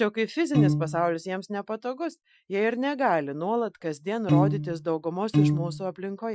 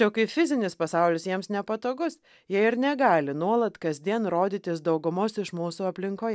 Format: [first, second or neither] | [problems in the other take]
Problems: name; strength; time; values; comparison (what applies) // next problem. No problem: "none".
second | noise reduction (classical method Wiener filter)